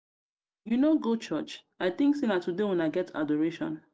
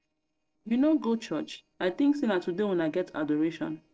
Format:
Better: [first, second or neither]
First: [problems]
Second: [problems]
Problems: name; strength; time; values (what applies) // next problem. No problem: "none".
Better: first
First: none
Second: noise reduction (neural separator model SepFormer DNS4)